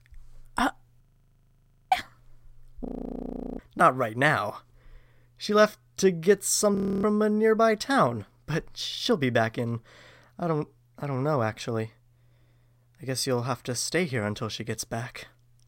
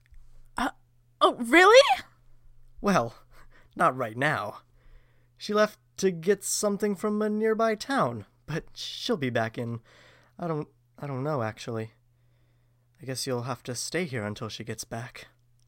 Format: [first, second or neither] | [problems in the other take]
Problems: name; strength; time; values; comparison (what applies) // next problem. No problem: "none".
second | audio freezing; at 1 s for 1 s, at 3 s for 0.5 s and at 7 s